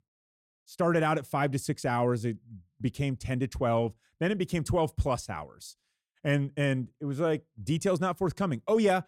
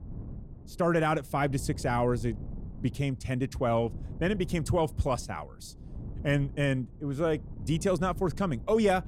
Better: first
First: none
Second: wind noise on the microphone; occasional gusts; 25 dB below the speech

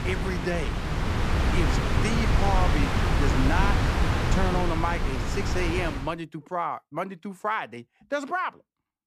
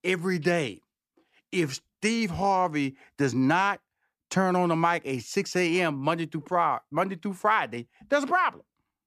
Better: second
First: wind noise on the microphone; heavy; until 6 s; as loud as the speech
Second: none

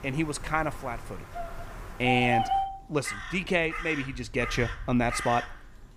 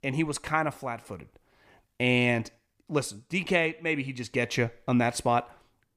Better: second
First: animal sounds; loud; throughout; 6 dB below the speech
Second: none

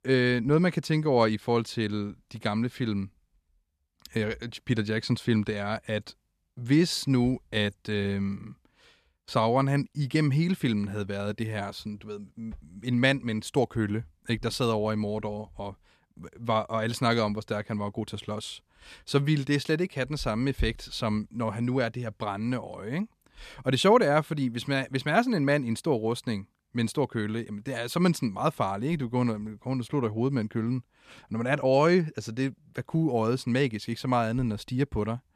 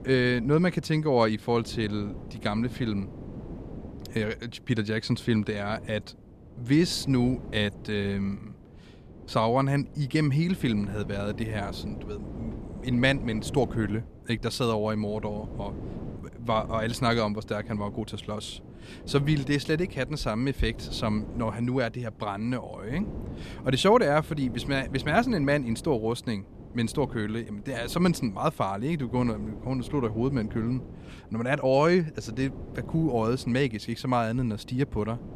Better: first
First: none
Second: wind noise on the microphone; occasional gusts; 20 dB below the speech

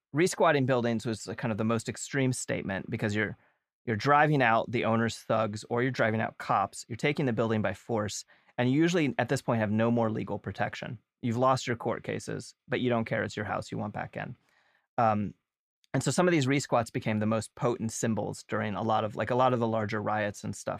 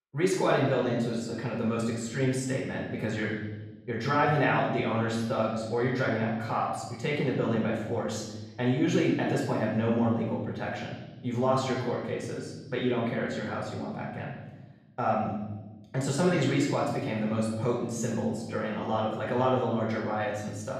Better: first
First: none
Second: off-mic speech; far // room echo; noticeable; dies away in 1.1 s

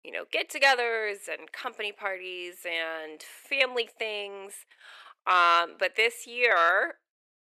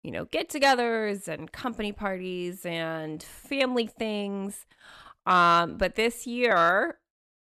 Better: second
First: thin; very; fading below 400 Hz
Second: none

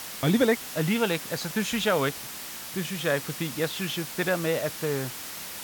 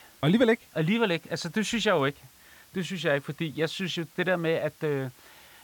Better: second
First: hiss; loud; throughout; 8 dB below the speech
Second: hiss; faint; throughout; 25 dB below the speech

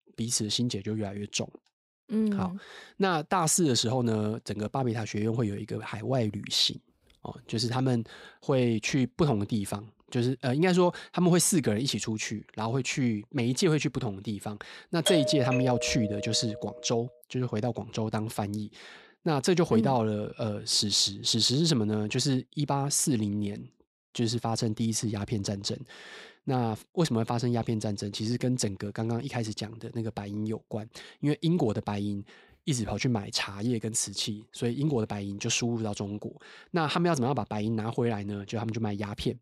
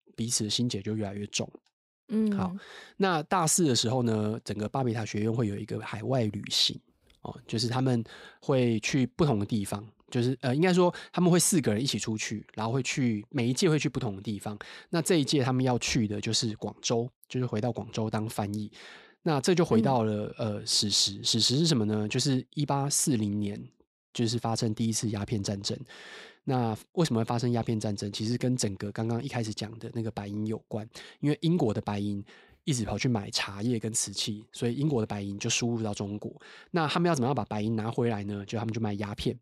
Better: second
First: doorbell; loud; from 15 to 17 s; peak 1 dB above the speech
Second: none

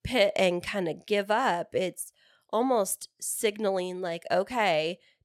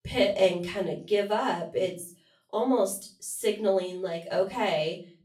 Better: first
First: none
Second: room echo; slight; dies away in 0.3 s // off-mic speech; far

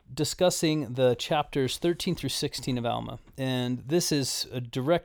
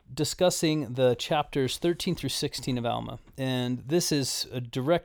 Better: neither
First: none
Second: none

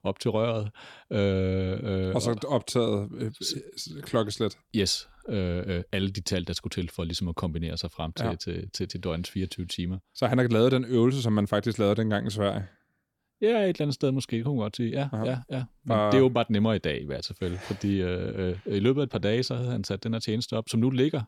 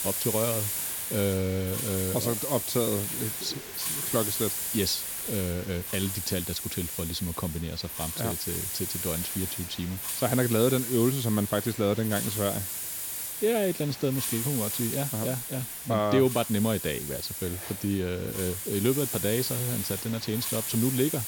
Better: first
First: none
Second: hiss; loud; throughout; 2 dB below the speech

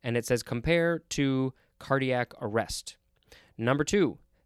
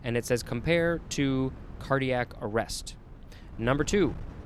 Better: first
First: none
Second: wind noise on the microphone; occasional gusts; 20 dB below the speech

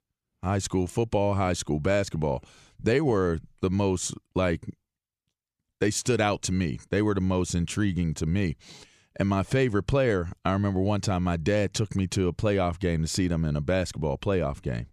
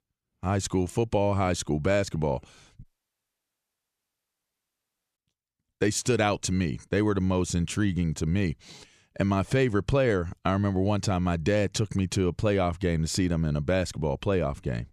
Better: first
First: none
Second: audio cutting out; at 3 s for 2.5 s

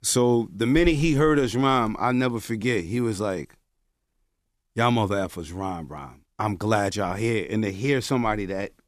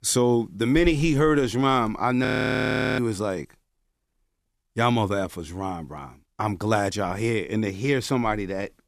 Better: first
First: none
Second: audio freezing; at 2.5 s for 0.5 s

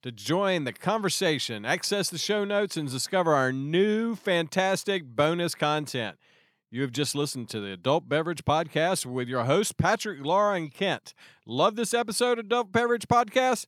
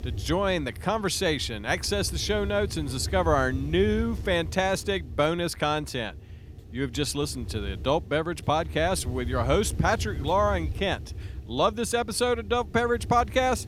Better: first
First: none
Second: wind noise on the microphone; occasional gusts; 25 dB below the speech

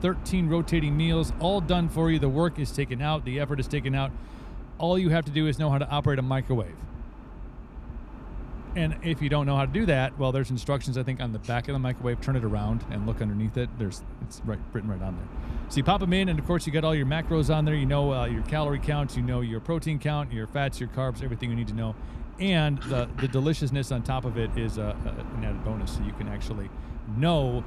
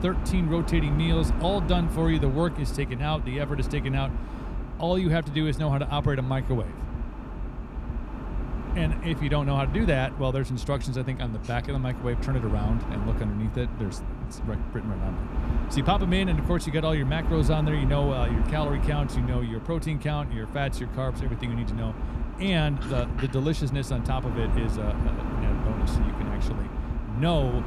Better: first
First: wind noise on the microphone; occasional gusts; 15 dB below the speech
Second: wind noise on the microphone; heavy; 8 dB below the speech

